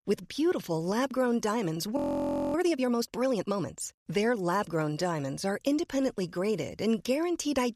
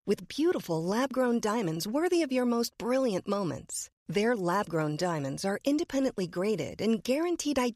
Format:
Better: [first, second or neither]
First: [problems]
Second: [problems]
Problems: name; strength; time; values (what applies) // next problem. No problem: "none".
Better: second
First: audio freezing; at 2 s for 0.5 s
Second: none